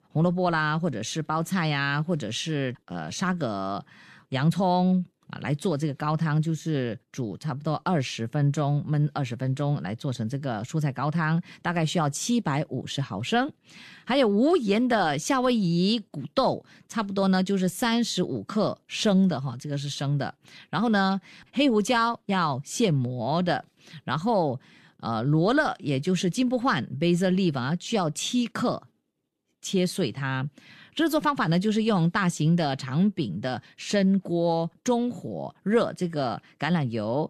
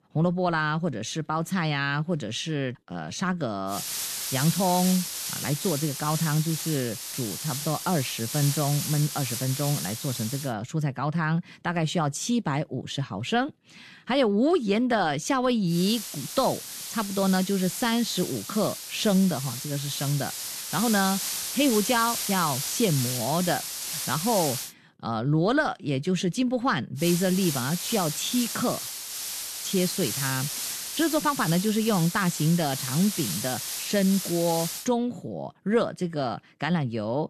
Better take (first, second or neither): first